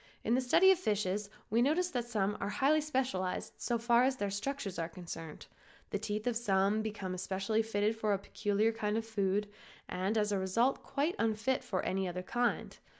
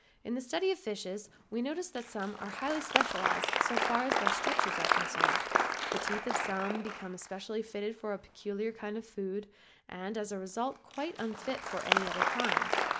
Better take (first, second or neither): first